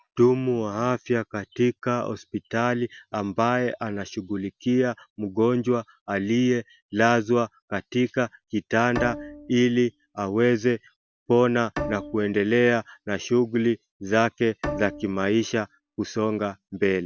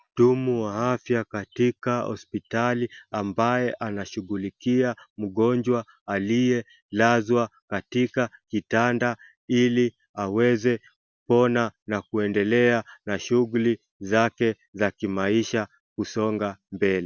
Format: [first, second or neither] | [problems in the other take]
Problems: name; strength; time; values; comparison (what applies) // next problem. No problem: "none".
second | background sound (Bowed string instrument); 12 dB below the speech